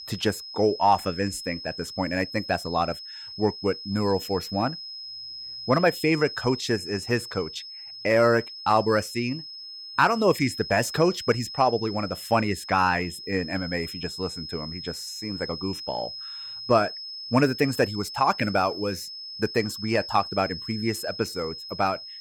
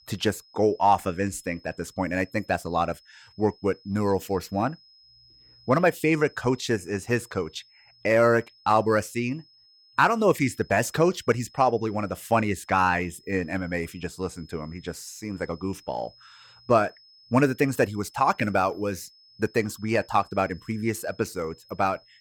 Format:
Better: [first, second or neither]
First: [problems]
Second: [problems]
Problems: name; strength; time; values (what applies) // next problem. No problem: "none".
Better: second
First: high-pitched whine; loud; throughout; 5 kHz, 10 dB below the speech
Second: high-pitched whine; faint; throughout; 5 kHz, 25 dB below the speech